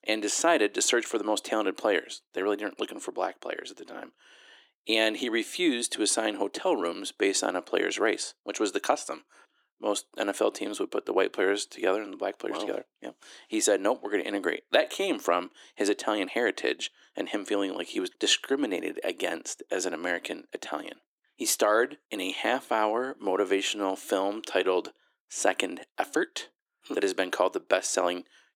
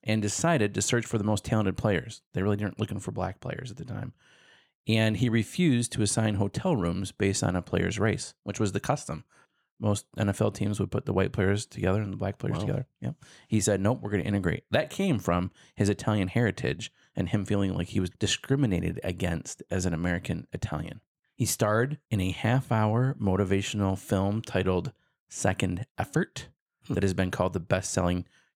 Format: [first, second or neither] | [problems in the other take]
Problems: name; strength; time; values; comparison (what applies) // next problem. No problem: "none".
second | thin; somewhat; fading below 300 Hz